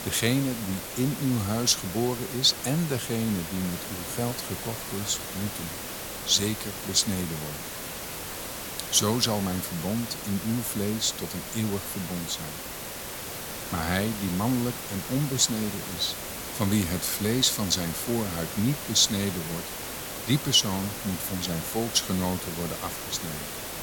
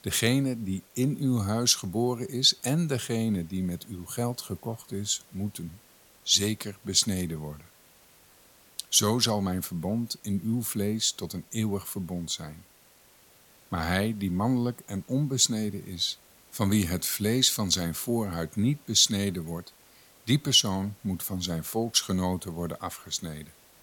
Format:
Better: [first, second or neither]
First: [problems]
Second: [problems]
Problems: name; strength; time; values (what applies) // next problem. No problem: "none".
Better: second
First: hiss; loud; throughout; 7 dB below the speech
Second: hiss; faint; throughout; 30 dB below the speech